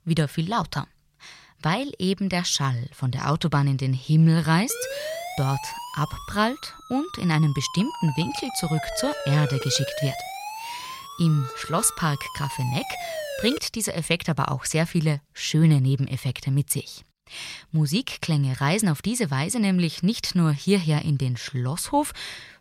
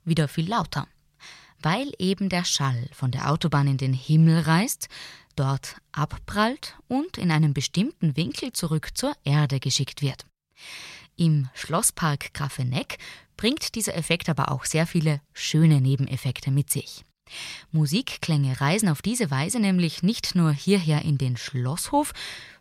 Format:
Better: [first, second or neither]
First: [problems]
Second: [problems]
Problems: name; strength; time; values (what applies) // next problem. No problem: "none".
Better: second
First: siren; noticeable; from 4.5 to 14 s; peak 6 dB below the speech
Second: none